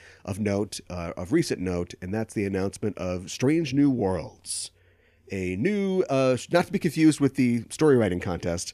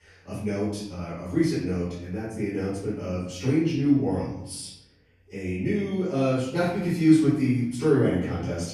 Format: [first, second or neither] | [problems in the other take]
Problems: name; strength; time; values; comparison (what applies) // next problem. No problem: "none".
first | off-mic speech; far // room echo; noticeable; dies away in 0.8 s